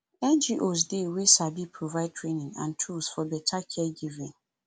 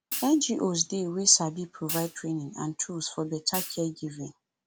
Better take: first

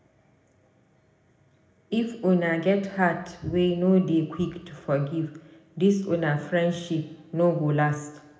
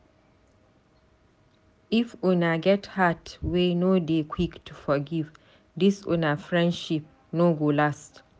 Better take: second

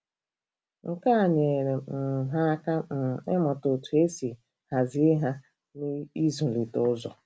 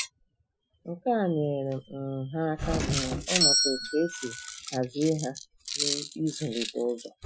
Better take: first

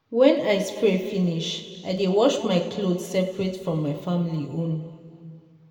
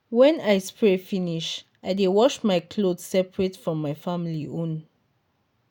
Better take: second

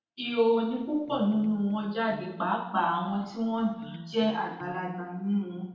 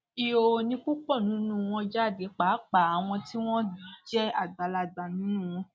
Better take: second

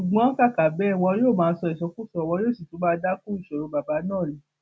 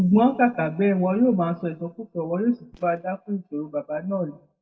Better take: first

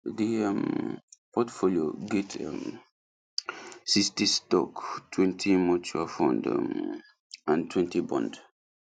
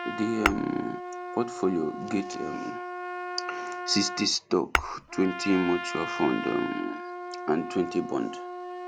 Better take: first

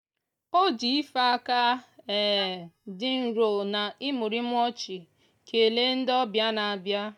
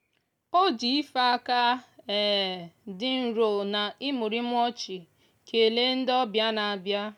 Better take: second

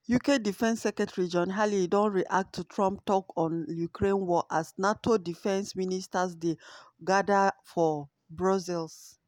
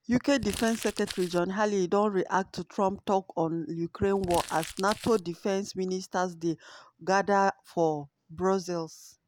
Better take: first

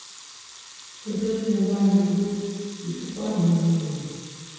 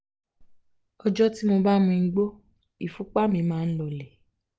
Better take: second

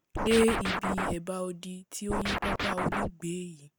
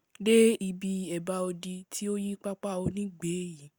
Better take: second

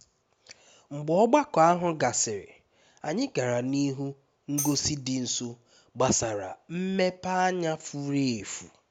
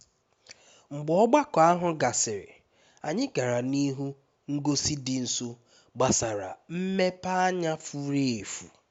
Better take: second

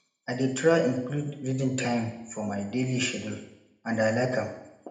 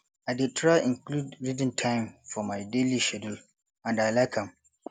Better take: second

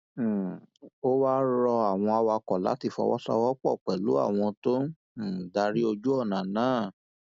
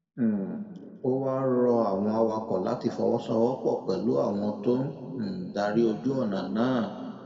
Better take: first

